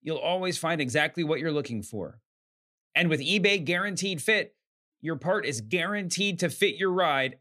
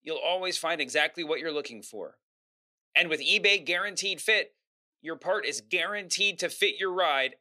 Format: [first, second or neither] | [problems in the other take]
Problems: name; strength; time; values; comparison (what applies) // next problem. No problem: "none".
first | thin; somewhat; fading below 450 Hz